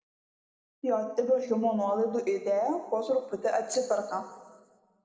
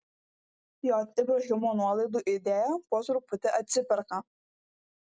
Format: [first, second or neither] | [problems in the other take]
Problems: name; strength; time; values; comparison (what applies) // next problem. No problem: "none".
second | room echo; dies away in 1.4 s